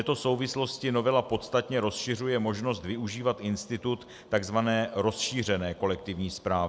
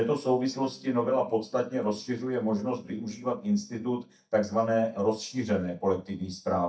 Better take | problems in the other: first | noise reduction (neural mask model DeepFilterNet 3)

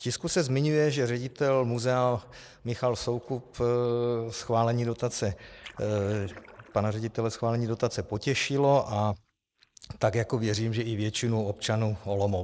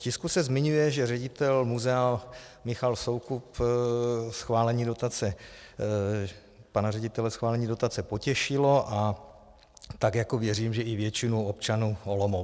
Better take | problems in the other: second | noise reduction (neural mask model Resemble Enhance denoiser)

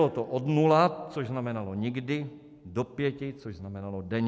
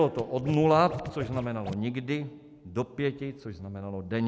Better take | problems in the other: first | background sound (Scratching (performance technique)); 10 dB below the speech

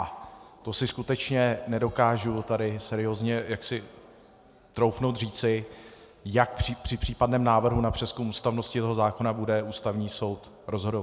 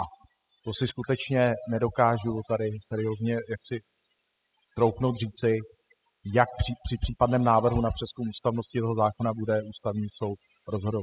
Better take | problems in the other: first | noise reduction (classical method spectral subtraction)

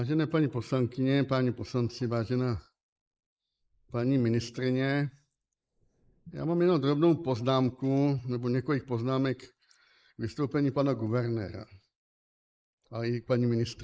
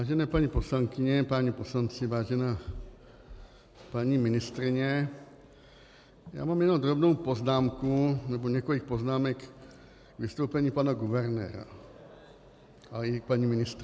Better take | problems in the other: second | noise reduction (neural mask model Resemble Enhance denoiser)

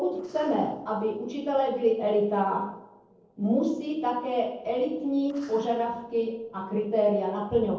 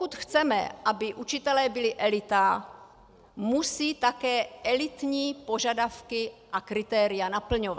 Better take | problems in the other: second | noise reduction (neural separator model SepFormer DNS4)

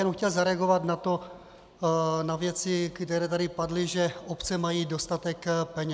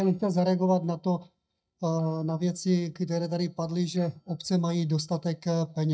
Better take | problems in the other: first | noise reduction (neural mask model DeepFilterNet 3)

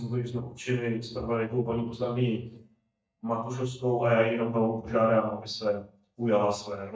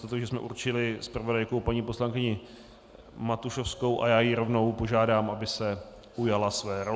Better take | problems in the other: second | noise reduction (neural mask model DeepFilterNet 3)

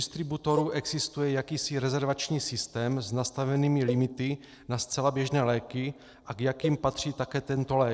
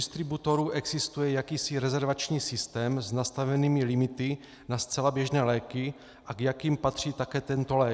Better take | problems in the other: second | noise reduction (neural separator model SepFormer DNS4)

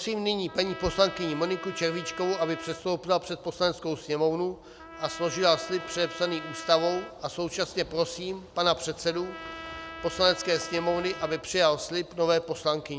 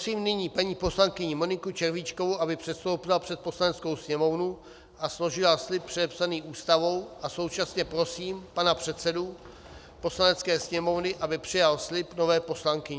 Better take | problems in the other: second | background sound (Trumpet); 15 dB below the speech

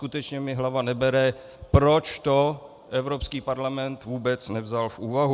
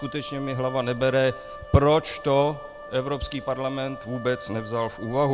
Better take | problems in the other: first | background sound (Wind instrument, woodwind instrument); 15 dB below the speech

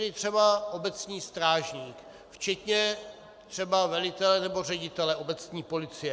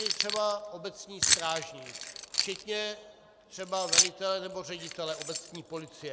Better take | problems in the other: first | background sound (Keys jangling); 3 dB above the speech

